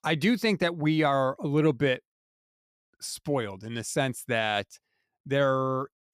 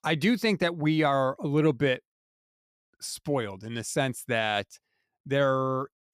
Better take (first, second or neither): neither